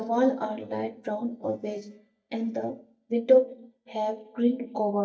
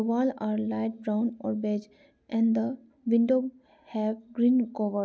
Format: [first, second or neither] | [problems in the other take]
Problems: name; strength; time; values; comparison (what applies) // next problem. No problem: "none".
second | noise reduction (neural mask model DeepFilterNet 3)